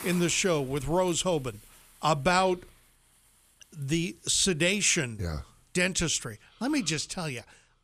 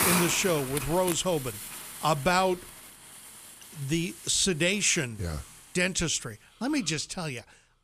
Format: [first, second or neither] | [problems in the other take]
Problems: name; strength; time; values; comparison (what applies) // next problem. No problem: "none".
first | hiss; loud; throughout; 9 dB below the speech; faint in the first